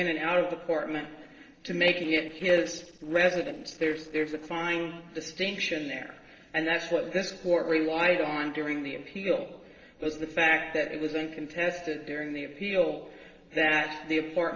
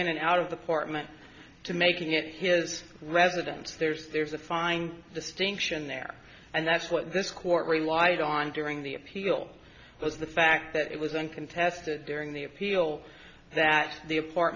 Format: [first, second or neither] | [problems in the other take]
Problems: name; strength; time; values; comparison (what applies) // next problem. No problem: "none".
second | noise reduction (neural separator model SepFormer DNS4)